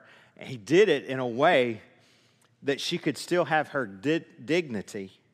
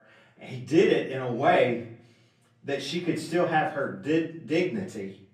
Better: first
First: none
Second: off-mic speech; far // room echo; slight; dies away in 0.4 s

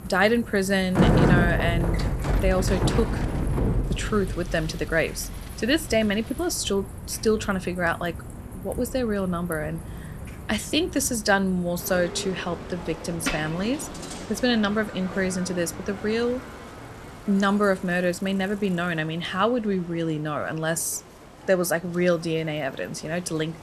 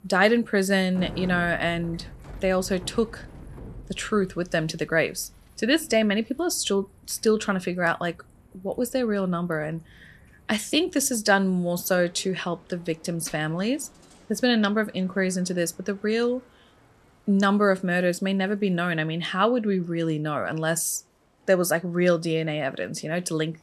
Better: second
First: traffic noise; loud; throughout; 5 dB below the speech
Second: traffic noise; faint; throughout; 20 dB below the speech

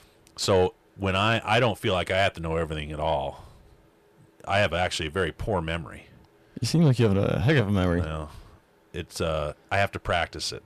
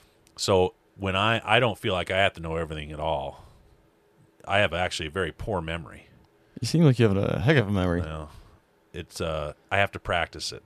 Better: second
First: distortion; slight; 10 dB below the speech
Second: none

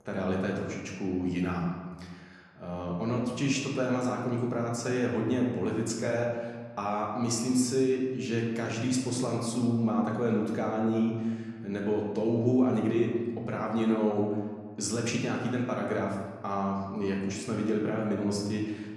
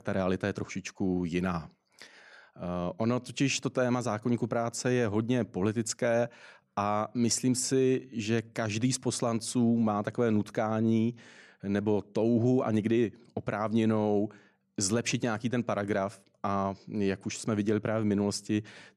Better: second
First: room echo; noticeable; dies away in 1.3 s // off-mic speech; somewhat distant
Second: none

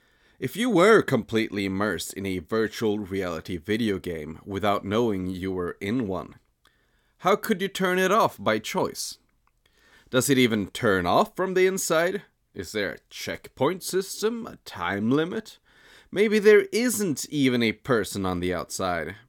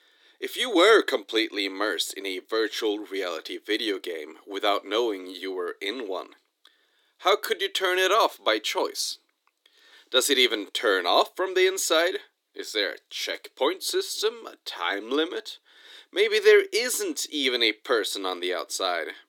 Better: first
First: none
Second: thin; somewhat; fading below 300 Hz

